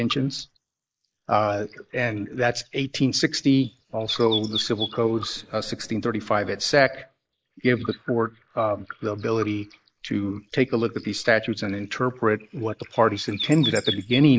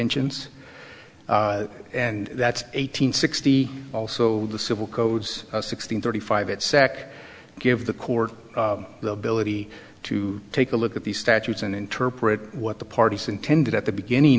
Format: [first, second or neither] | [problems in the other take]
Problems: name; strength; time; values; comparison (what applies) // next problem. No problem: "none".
second | noise reduction (neural mask model Resemble Enhance denoiser)